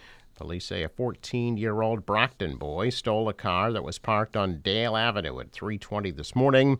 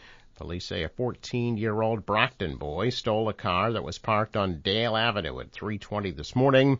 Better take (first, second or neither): first